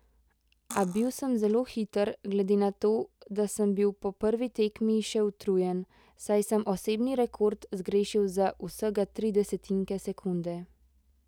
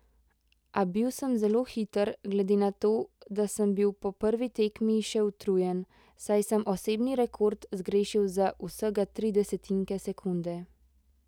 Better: second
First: background sound (Cutlery, silverware); 16 dB below the speech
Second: none

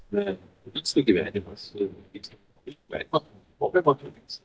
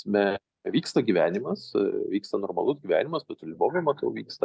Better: second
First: noise reduction (neural mask model DeepFilterNet 3)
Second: none

